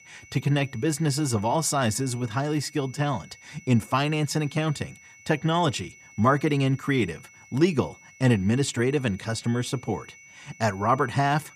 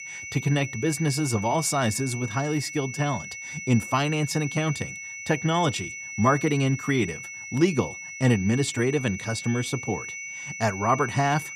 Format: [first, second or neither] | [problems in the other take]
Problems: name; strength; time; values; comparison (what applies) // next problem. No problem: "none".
first | high-pitched whine; loud; throughout; 2 kHz, 9 dB below the speech; faint in the first